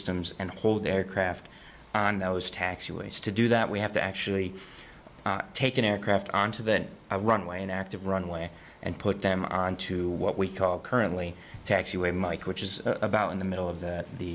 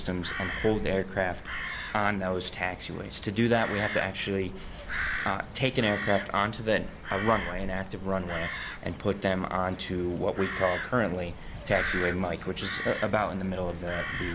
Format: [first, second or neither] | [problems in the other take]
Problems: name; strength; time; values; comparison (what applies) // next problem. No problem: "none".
first | background sound (Crow); 7 dB below the speech